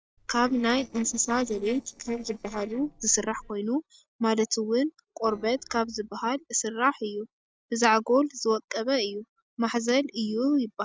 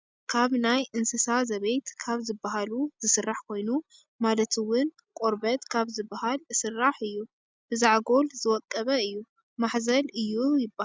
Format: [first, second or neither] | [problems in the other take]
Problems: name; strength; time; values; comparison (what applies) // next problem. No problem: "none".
second | noise reduction (neural separator model SepFormer DNS4)